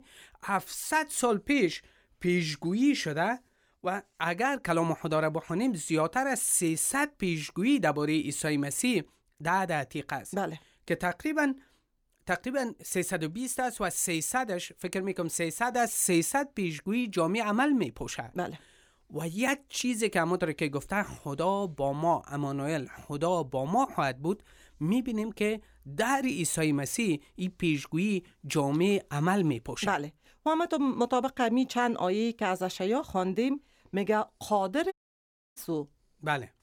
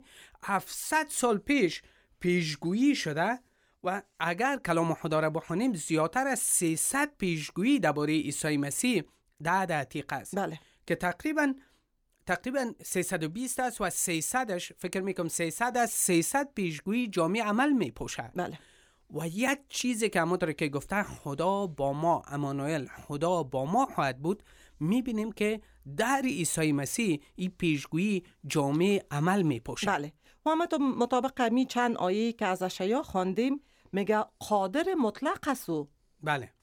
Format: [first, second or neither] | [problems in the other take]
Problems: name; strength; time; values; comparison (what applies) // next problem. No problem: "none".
second | audio cutting out; at 35 s for 0.5 s